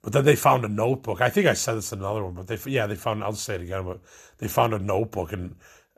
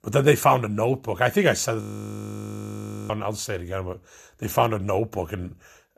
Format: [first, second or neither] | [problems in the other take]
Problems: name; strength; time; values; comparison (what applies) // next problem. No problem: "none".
first | audio freezing; at 2 s for 1.5 s